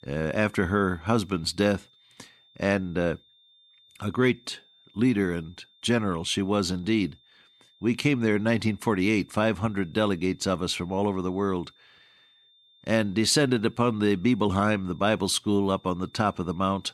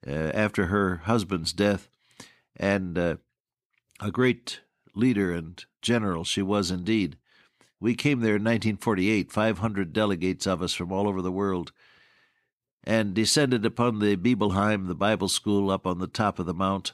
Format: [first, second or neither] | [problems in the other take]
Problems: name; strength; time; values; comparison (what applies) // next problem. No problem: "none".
second | high-pitched whine; faint; throughout; 3.5 kHz, 30 dB below the speech